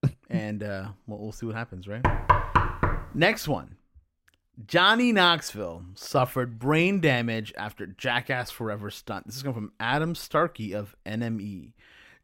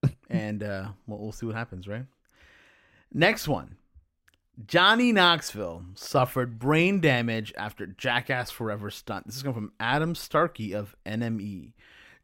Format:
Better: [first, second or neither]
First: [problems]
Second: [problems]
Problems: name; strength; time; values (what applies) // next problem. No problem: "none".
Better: second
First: door banging; loud; at 2 s; peak 5 dB above the speech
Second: none